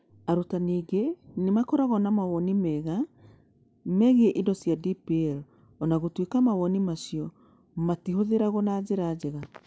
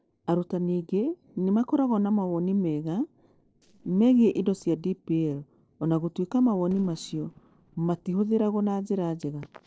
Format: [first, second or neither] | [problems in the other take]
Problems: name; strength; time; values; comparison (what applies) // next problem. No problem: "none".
first | noise reduction (neural separator model SepFormer DNS4)